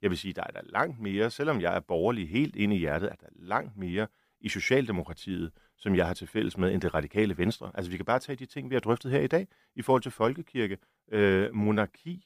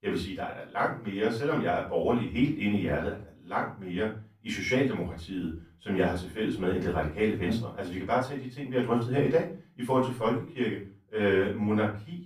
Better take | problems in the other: first | off-mic speech; far // room echo; slight; dies away in 0.3 s

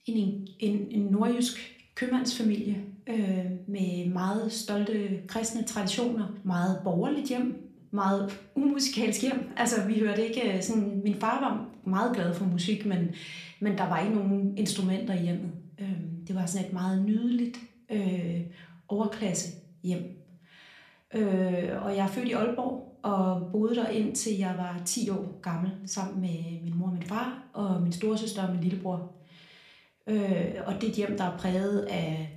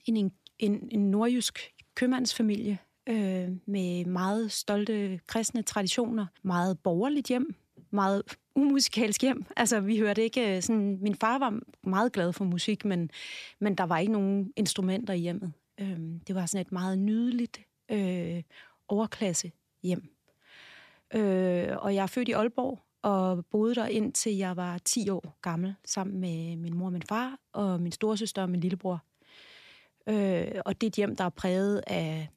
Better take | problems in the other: second | room echo; slight; dies away in 0.4 s // off-mic speech; somewhat distant

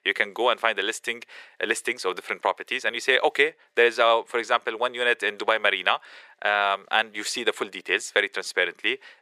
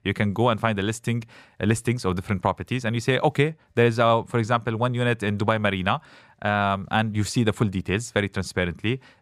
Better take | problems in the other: second | thin; very; fading below 400 Hz

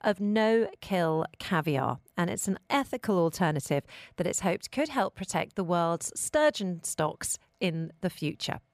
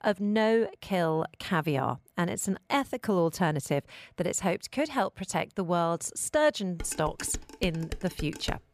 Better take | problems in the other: first | clattering dishes; faint; from 7 s on; peak 10 dB below the speech

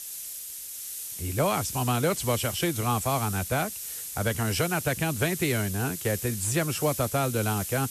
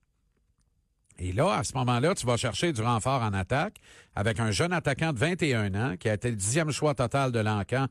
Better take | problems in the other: second | hiss; loud; throughout; 6 dB below the speech

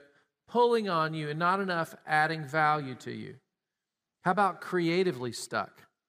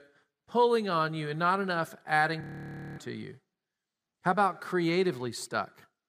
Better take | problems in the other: first | audio freezing; at 2.5 s for 0.5 s

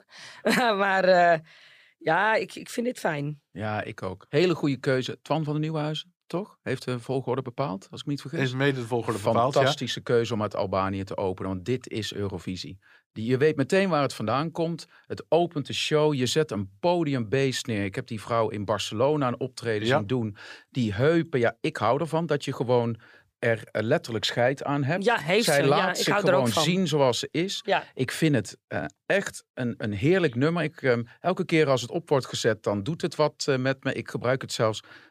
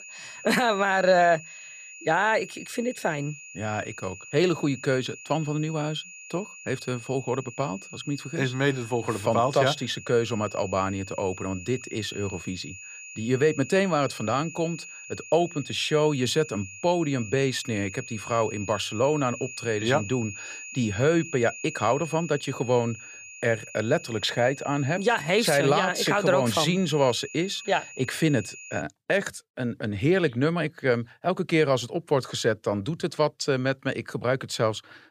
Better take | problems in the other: first | high-pitched whine; noticeable; until 29 s; 2.5 kHz, 15 dB below the speech

